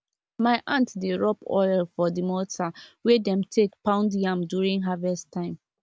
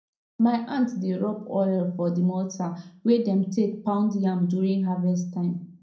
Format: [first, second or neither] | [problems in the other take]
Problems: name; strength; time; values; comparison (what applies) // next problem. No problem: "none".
first | room echo; dies away in 0.6 s